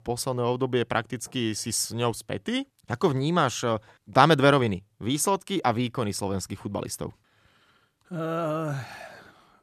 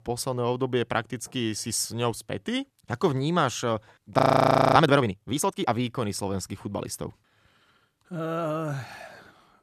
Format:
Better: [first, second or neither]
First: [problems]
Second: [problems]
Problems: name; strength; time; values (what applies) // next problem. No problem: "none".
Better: first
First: none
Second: audio freezing; at 4 s for 0.5 s